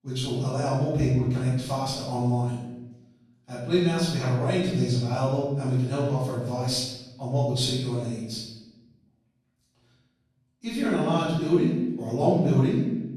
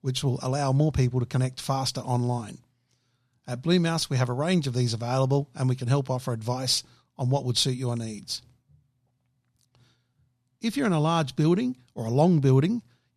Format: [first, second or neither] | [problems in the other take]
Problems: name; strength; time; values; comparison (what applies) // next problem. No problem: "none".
second | room echo; strong; dies away in 0.9 s // off-mic speech; far